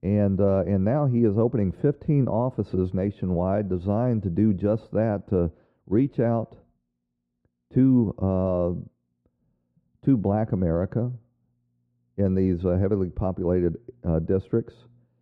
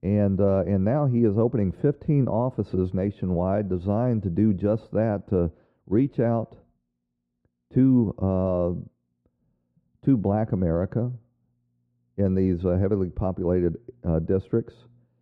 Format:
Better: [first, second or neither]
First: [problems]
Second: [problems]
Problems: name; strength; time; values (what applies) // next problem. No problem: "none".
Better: neither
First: muffled; very; fading above 1.5 kHz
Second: muffled; very; fading above 1.5 kHz